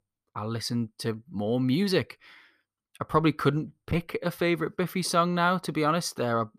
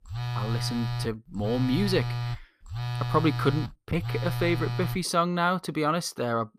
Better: first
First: none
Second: phone ringing; noticeable; until 5 s; peak 3 dB below the speech

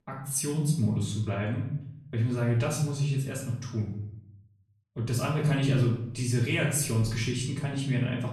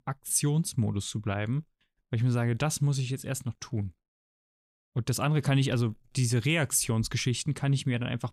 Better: second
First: off-mic speech; far // room echo; noticeable; dies away in 0.7 s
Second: none

